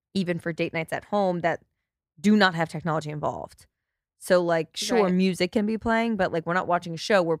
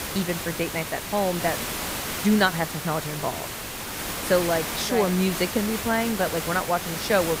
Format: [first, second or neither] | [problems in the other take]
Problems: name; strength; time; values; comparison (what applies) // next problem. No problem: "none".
first | hiss; loud; throughout; 4 dB below the speech